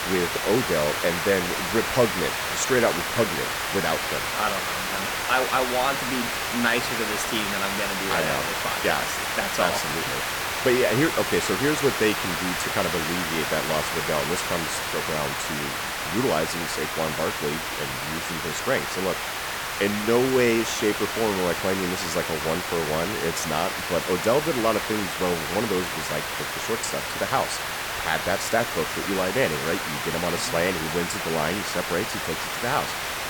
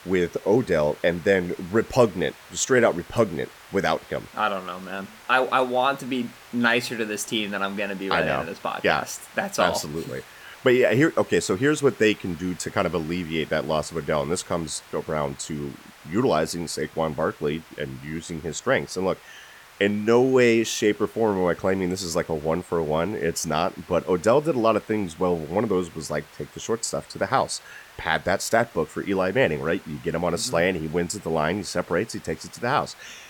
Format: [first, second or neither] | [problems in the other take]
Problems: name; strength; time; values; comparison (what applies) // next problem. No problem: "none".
second | hiss; loud; throughout; as loud as the speech; faint in the second